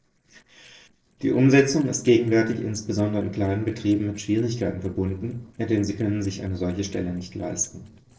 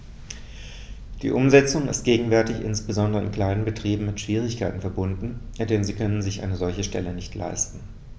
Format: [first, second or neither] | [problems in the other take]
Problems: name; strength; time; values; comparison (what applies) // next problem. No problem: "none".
second | noise reduction (neural separator model SepFormer DNS4)